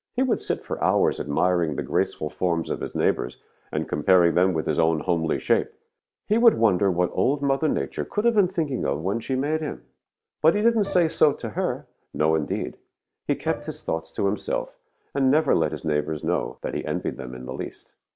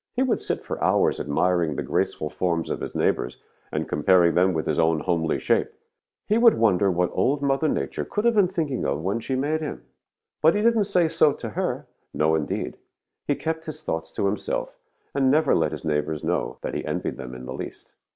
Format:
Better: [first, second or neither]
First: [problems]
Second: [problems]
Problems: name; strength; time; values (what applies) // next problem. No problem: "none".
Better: second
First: background sound (Bowed string instrument); 16 dB below the speech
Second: none